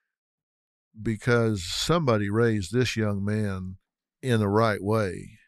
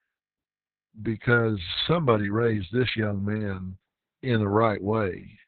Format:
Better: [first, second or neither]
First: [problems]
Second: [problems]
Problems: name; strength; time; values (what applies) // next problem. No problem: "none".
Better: first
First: none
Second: garbled, watery; badly; nothing above 4 kHz